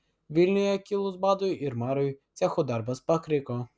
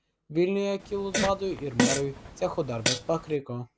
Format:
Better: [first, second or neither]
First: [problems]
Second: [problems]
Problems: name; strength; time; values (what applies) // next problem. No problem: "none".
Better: first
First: none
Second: background sound (Fart); 1 dB below the speech